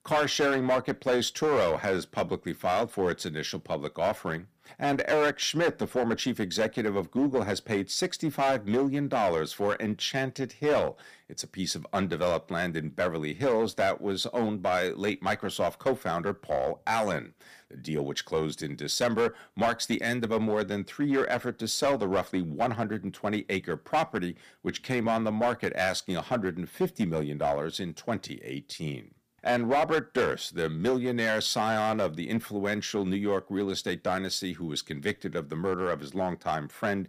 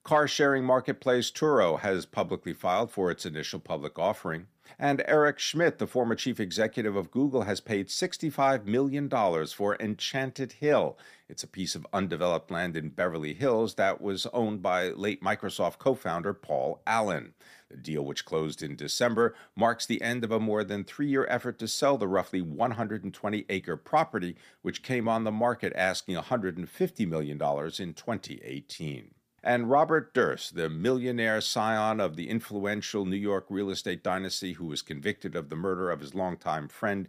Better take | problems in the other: second | distortion; slight; 5% of the sound clipped

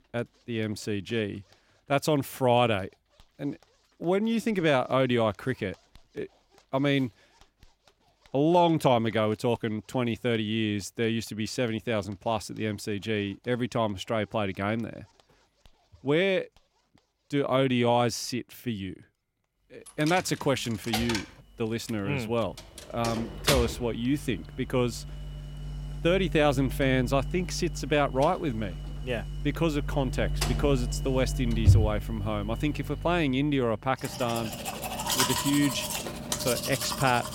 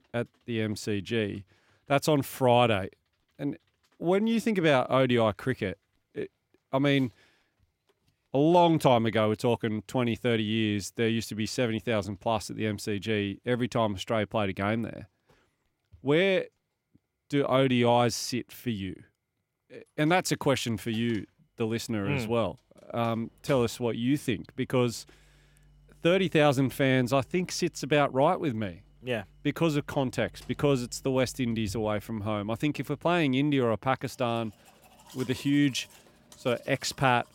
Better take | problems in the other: second | household noises; loud; throughout; 4 dB below the speech; faint in the second

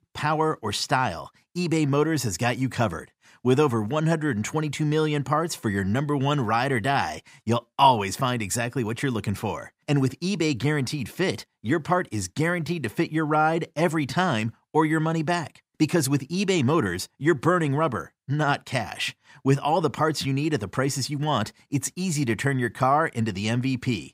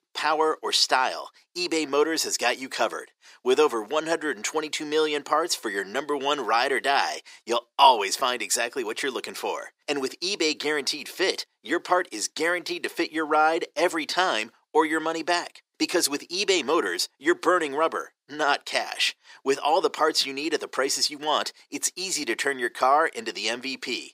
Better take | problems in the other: first | thin; very; fading below 400 Hz

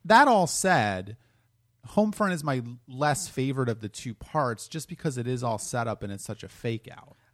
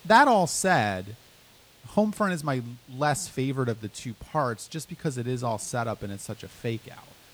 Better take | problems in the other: first | hiss; faint; throughout; 25 dB below the speech

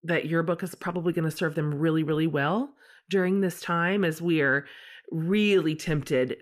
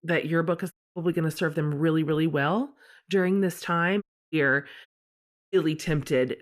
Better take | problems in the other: first | audio cutting out; at 0.5 s, at 4 s and at 5 s for 0.5 s

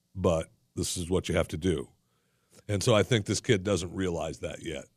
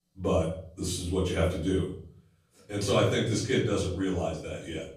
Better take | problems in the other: first | off-mic speech; far // room echo; noticeable; dies away in 0.5 s

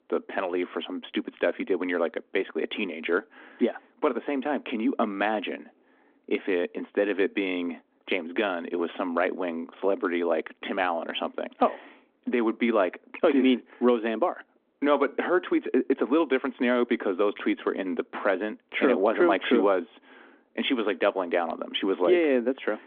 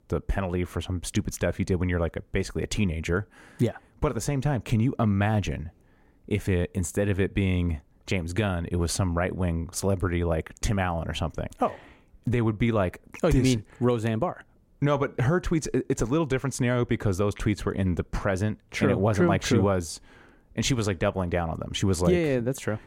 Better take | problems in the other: second | phone-call audio; nothing above 3.5 kHz

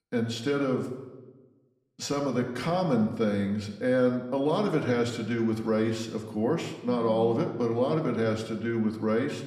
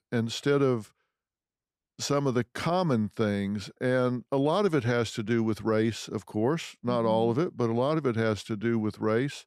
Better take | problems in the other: second | room echo; slight; dies away in 0.8 s // off-mic speech; somewhat distant

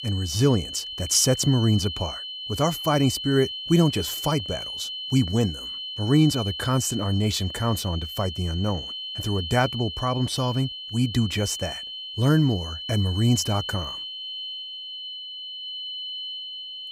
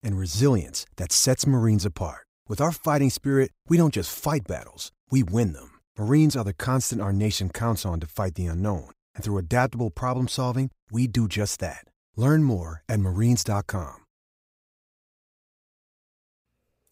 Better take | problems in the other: second | high-pitched whine; loud; throughout; 3 kHz, 8 dB below the speech

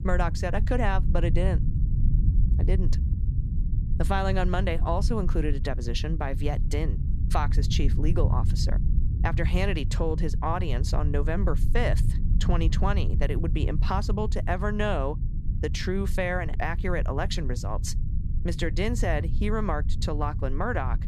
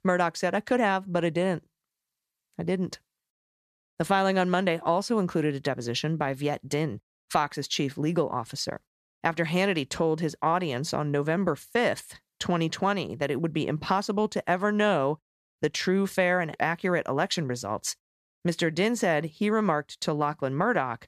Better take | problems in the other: second | low rumble; noticeable; throughout; 10 dB below the speech

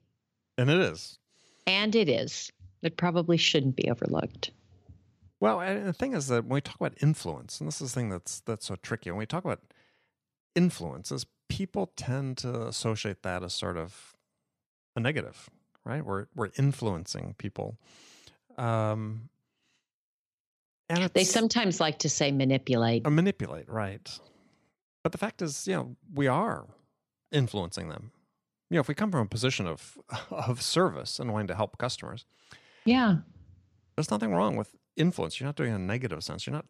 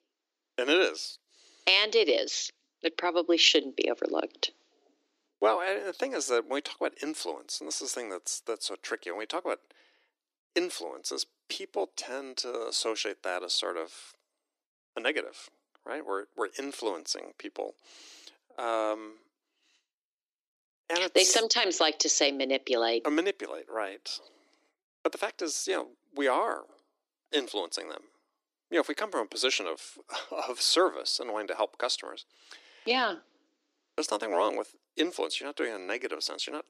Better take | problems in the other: first | thin; very; fading below 300 Hz

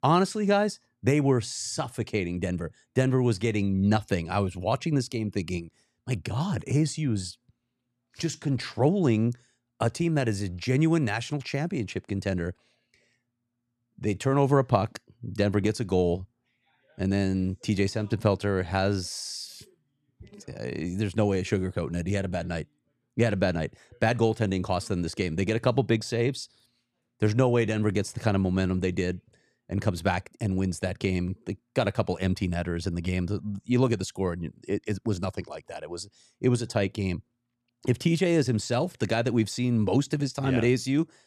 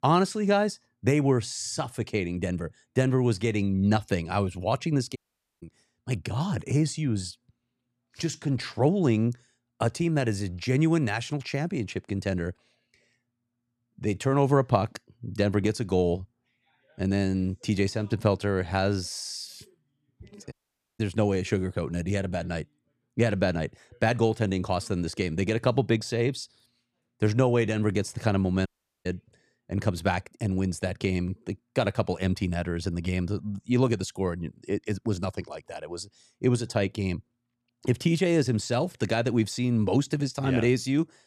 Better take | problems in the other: first | audio cutting out; at 5 s, at 21 s and at 29 s

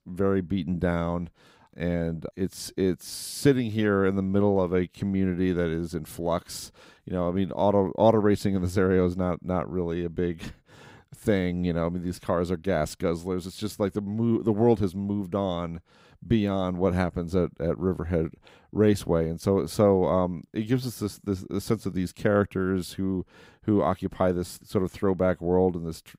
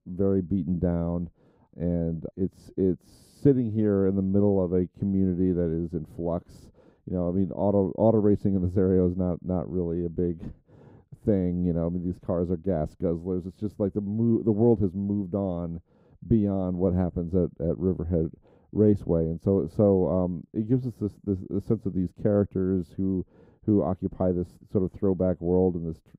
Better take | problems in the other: first | muffled; very; fading above 1 kHz

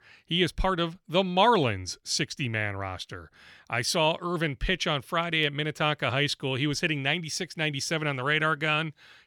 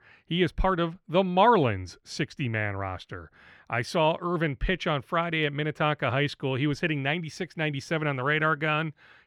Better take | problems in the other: first | muffled; slightly; fading above 3 kHz

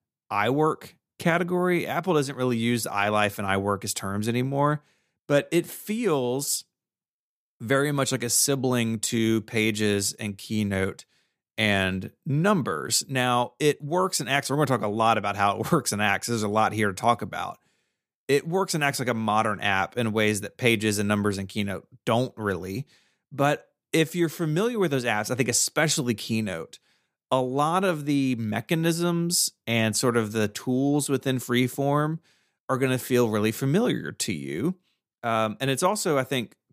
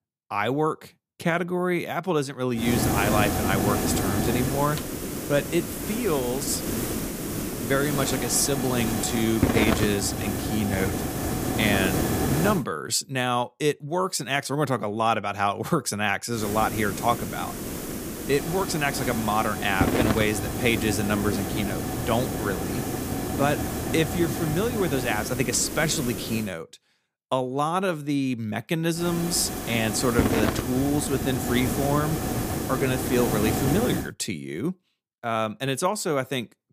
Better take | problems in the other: first | hiss; loud; from 2.5 to 13 s, from 16 to 26 s and from 29 to 34 s; 2 dB below the speech

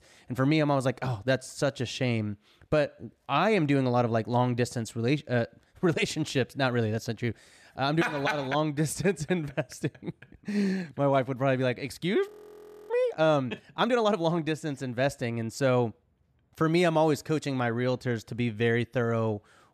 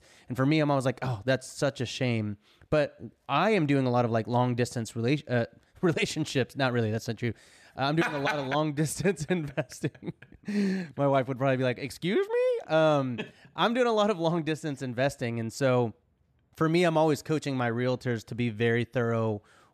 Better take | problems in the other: second | audio freezing; at 12 s for 0.5 s

